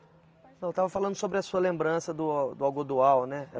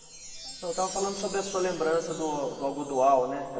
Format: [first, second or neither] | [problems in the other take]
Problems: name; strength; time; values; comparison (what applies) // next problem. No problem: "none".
first | background sound (Chime); 13 dB below the speech // room echo; dies away in 2.3 s